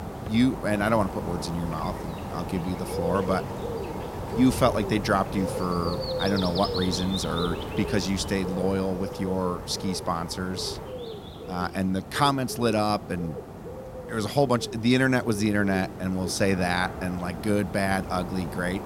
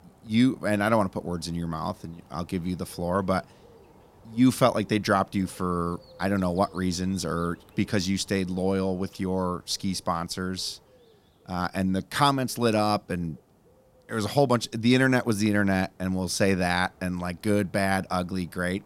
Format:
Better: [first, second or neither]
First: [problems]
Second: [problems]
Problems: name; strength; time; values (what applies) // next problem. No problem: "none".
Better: second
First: animal sounds; loud; throughout; 7 dB below the speech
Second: animal sounds; faint; throughout; 30 dB below the speech